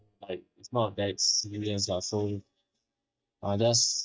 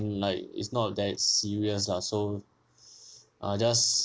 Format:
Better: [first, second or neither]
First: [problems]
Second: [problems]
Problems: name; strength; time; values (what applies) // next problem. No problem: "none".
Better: second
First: noise reduction (neural mask model DeepFilterNet 3)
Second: none